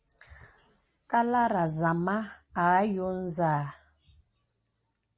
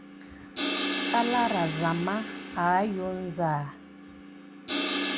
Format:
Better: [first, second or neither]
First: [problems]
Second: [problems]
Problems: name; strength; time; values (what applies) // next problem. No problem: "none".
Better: first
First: none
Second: background sound (Crash cymbal); 4 dB below the speech